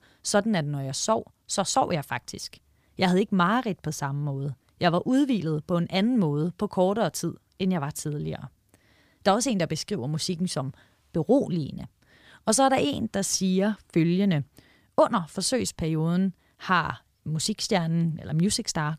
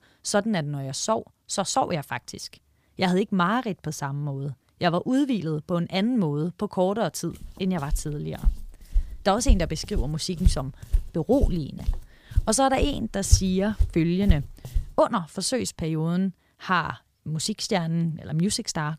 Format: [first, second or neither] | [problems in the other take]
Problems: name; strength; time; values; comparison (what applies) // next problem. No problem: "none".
first | footsteps; loud; from 8 to 15 s; peak 1 dB above the speech